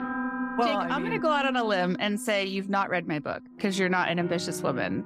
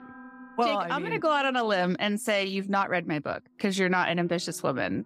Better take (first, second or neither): second